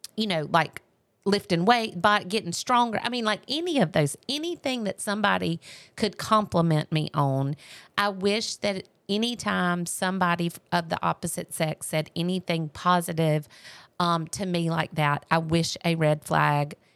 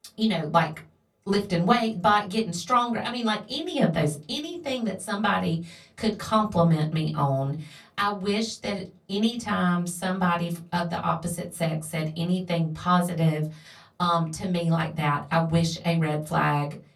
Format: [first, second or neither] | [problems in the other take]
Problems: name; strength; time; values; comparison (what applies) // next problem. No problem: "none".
first | off-mic speech; far // room echo; very slight; dies away in 0.2 s